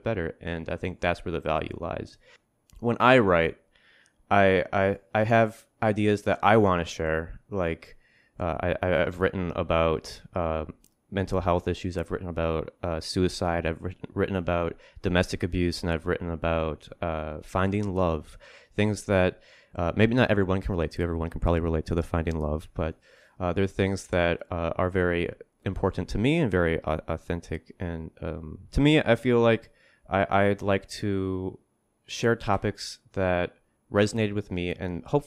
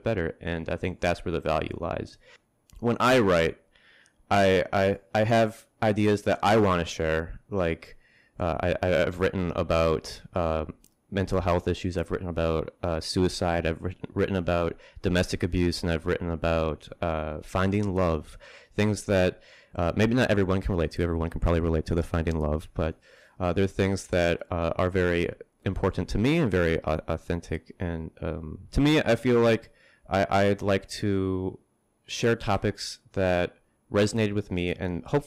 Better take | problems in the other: first | distortion; slight; 3% of the sound clipped

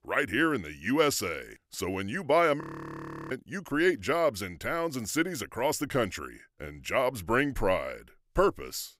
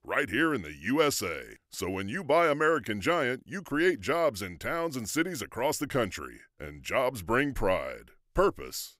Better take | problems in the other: second | audio freezing; at 2.5 s for 0.5 s

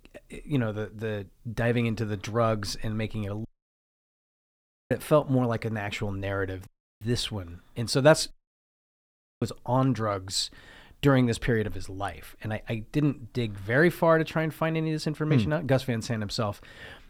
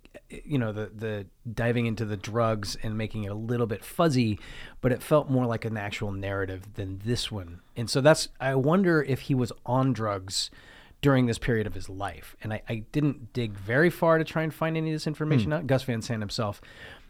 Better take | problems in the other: second | audio cutting out; at 3.5 s for 1.5 s, at 6.5 s and at 8.5 s for 1 s

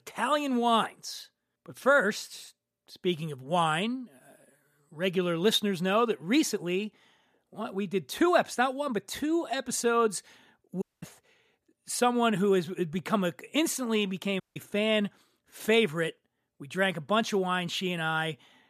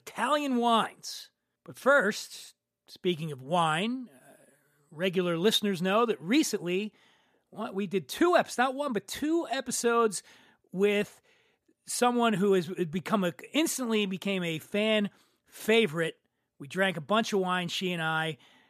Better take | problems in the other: second | audio cutting out; at 11 s and at 14 s

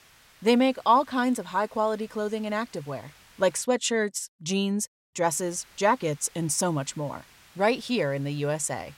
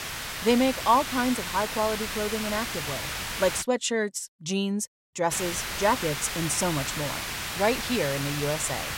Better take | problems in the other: first | hiss; loud; until 3.5 s and from 5.5 s on; 4 dB below the speech; faint in the first

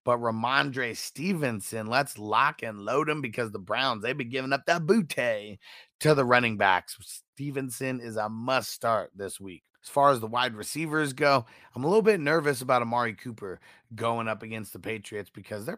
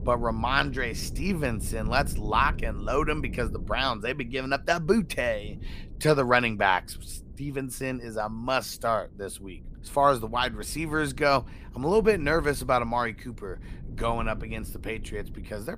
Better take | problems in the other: first | wind noise on the microphone; occasional gusts; 25 dB below the speech

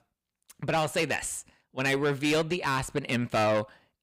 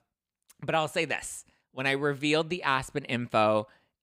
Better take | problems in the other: second | distortion; heavy; 7 dB below the speech

